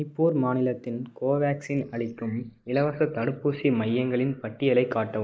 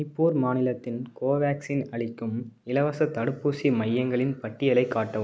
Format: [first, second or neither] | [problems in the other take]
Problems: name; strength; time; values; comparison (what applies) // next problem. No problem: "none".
second | noise reduction (neural mask model Resemble Enhance denoiser)